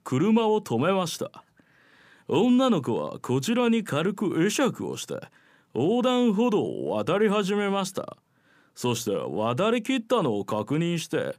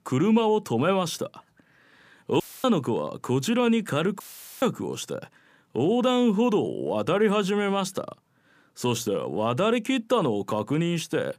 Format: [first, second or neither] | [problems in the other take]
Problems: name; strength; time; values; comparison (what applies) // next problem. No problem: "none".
first | audio cutting out; filled with static; at 2.5 s and at 4 s